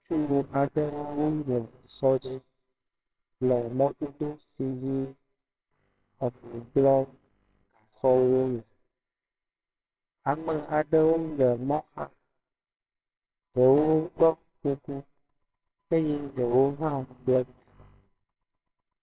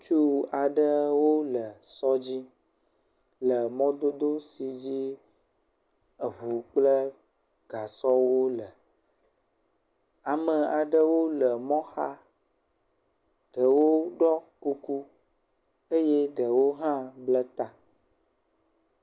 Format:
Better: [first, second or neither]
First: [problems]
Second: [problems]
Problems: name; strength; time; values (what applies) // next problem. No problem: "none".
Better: second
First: noise reduction (neural separator model SepFormer WHAMR!)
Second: none